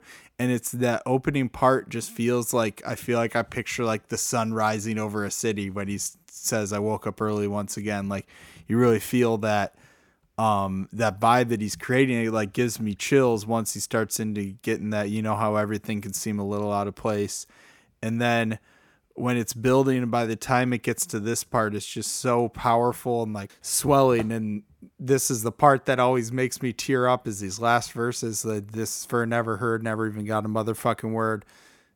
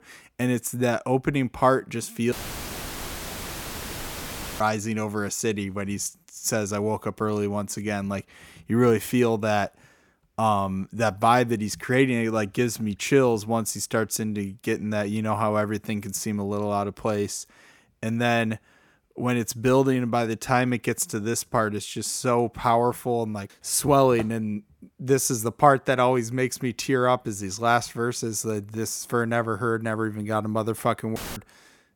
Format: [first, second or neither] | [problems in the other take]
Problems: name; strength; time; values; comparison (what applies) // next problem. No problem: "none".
first | audio cutting out; filled with static; at 2.5 s for 2.5 s and at 31 s